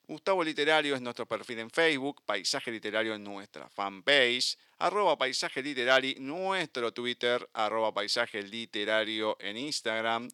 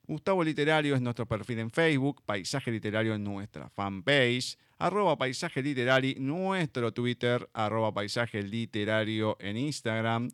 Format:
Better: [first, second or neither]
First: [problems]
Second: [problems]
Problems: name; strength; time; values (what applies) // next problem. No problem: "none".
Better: second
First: thin; somewhat; fading below 400 Hz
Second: none